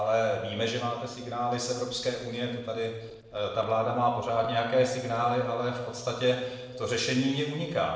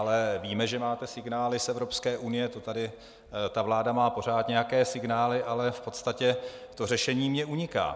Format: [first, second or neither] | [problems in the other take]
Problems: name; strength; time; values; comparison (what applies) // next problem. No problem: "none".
second | noise reduction (neural separator model SepFormer DNS4)